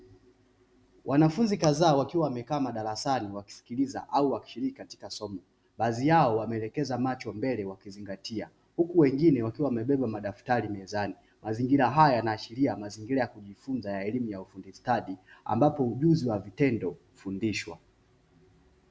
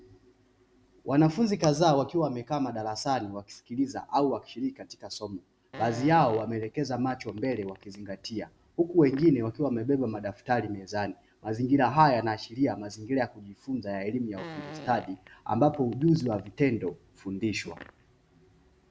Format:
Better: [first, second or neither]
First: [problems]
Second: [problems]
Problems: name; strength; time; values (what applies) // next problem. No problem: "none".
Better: first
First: none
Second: background sound (Fart); 19 dB below the speech